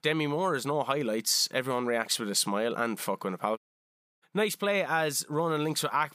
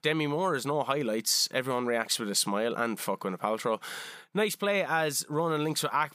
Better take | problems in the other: second | audio cutting out; at 3.5 s for 0.5 s

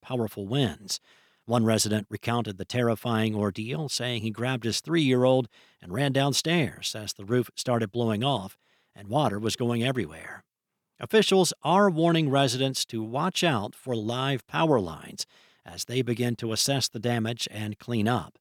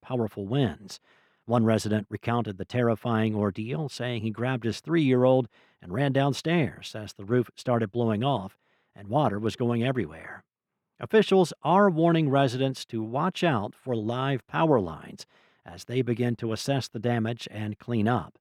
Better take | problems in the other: first | muffled; slightly; fading above 3 kHz

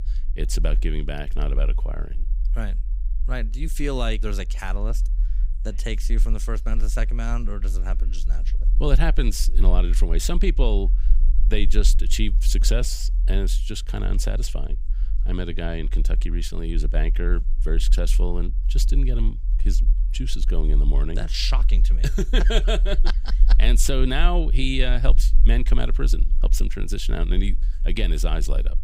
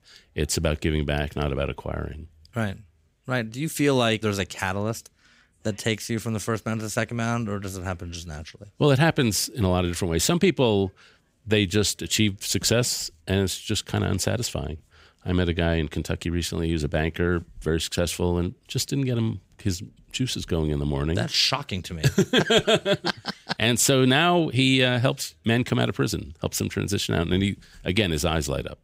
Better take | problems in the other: second | low rumble; noticeable; throughout; 20 dB below the speech

